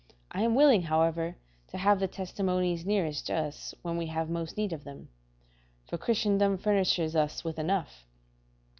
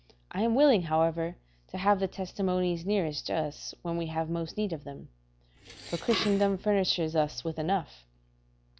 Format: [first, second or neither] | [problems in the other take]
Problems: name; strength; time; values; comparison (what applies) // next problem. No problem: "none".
first | background sound (Dishes, pots, and pans); 12 dB below the speech